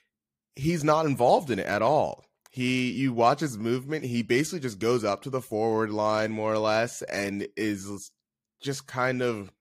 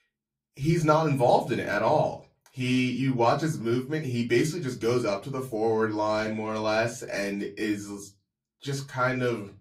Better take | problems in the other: first | off-mic speech; somewhat distant // room echo; very slight; dies away in 0.2 s

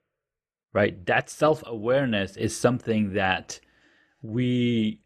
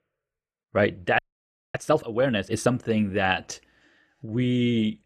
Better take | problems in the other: first | audio freezing; at 1 s for 0.5 s

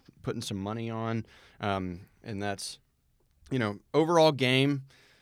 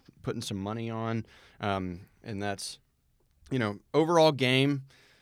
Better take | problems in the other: neither | none

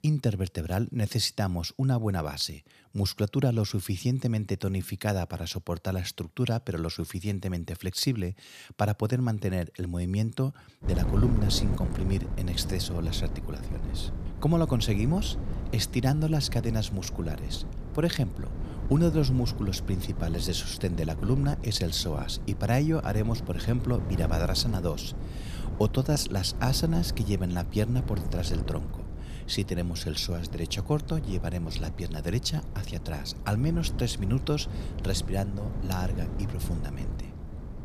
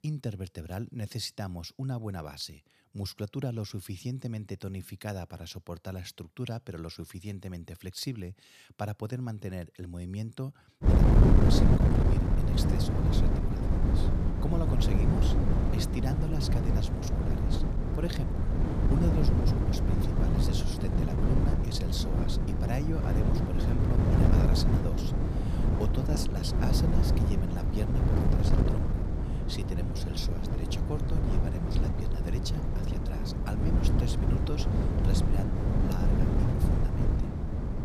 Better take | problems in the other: first | wind noise on the microphone; heavy; from 11 s on; 4 dB above the speech; occasional gusts in the first

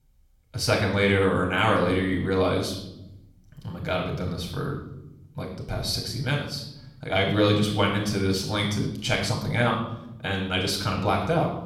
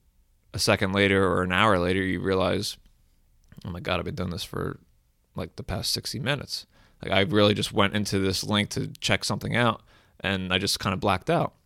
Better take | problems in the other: second | off-mic speech; somewhat distant // room echo; noticeable; dies away in 0.8 s

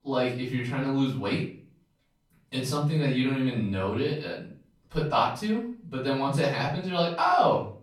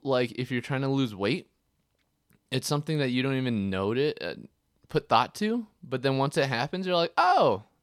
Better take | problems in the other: second | off-mic speech; far // room echo; noticeable; dies away in 0.4 s

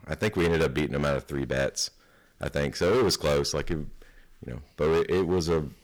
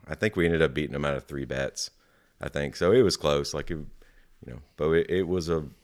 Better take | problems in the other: second | distortion; heavy; 12% of the sound clipped

